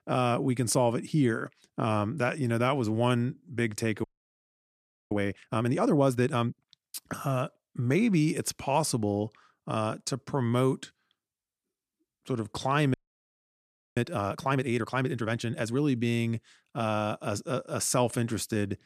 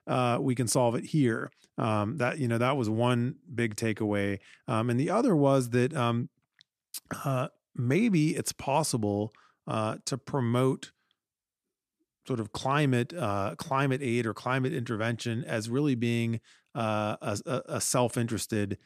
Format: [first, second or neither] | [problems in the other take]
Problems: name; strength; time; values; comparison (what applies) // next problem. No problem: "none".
second | audio freezing; at 4 s for 1 s and at 13 s for 1 s